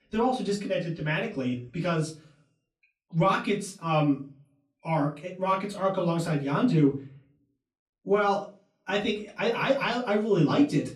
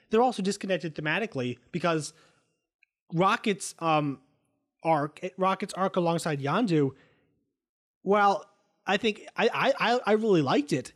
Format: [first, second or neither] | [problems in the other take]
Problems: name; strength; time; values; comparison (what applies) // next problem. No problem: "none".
second | off-mic speech; far // room echo; very slight; dies away in 0.3 s